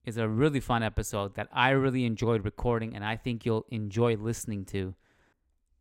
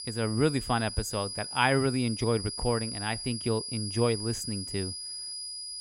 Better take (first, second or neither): first